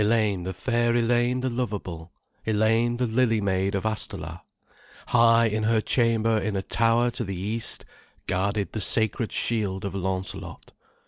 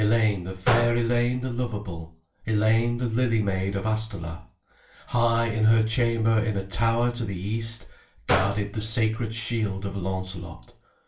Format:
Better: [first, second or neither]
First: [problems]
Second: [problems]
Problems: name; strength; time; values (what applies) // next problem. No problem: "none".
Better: first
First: none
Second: background sound (Gunshot, gunfire); 8 dB below the speech // room echo; dies away in 0.3 s